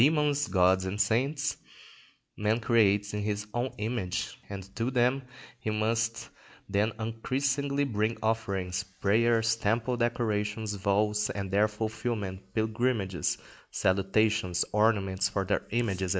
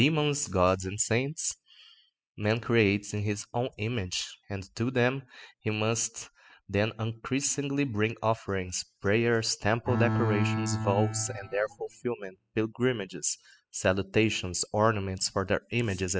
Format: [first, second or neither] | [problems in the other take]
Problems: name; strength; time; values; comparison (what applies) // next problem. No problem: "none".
first | noise reduction (classical method spectral subtraction)